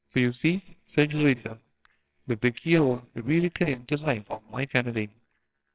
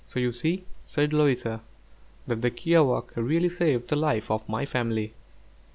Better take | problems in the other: second | noise reduction (neural separator model SepFormer WHAMR!)

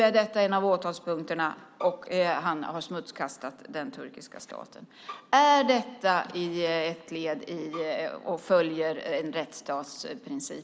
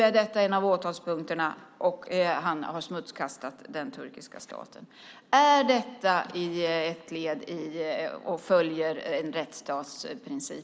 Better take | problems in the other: second | background sound (Bowed string instrument); 18 dB below the speech

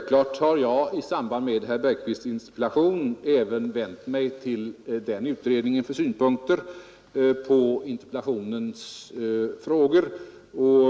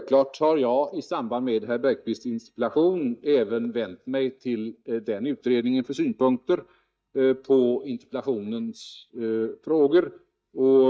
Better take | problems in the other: first | noise reduction (neural mask model DeepFilterNet 3)

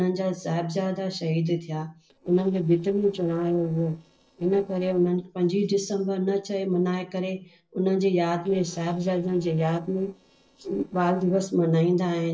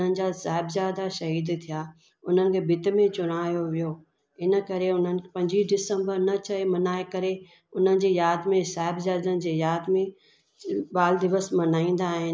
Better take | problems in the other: second | noise reduction (neural separator model SepFormer DNS4)

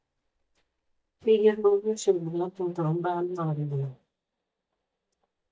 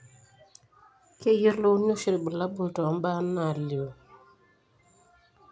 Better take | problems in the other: second | noise reduction (neural mask model DeepFilterNet 3)

